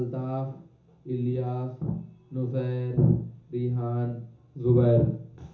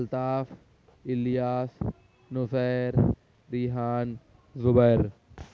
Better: second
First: room echo; dies away in 0.7 s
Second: none

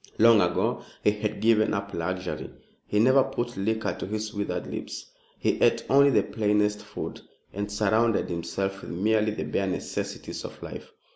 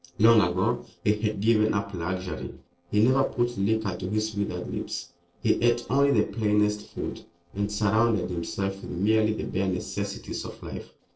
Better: first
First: none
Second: noise reduction (neural separator model SepFormer DNS4)

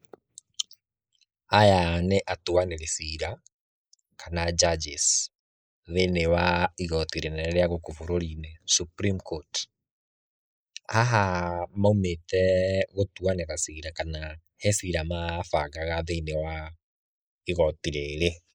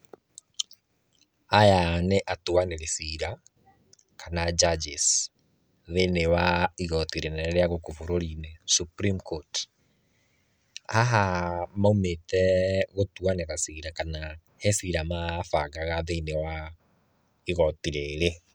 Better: second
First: noise reduction (neural mask model Resemble Enhance denoiser)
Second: none

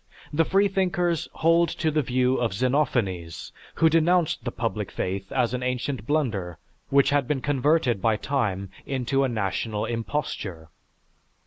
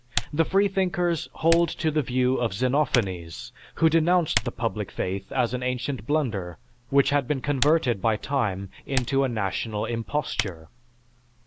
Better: first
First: none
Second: background sound (Typing); 11 dB below the speech

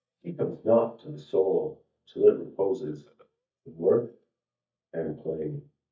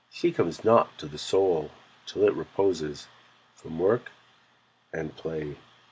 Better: second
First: noise reduction (neural mask model DeepFilterNet 3)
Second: none

